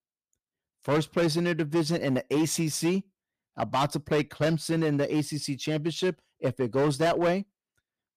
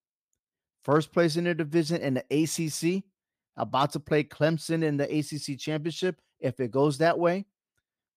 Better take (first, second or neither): second